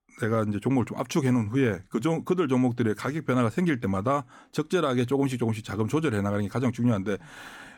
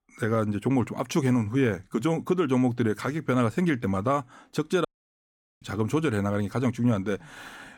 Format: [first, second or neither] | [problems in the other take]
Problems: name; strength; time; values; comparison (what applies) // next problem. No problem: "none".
first | audio cutting out; at 5 s for 1 s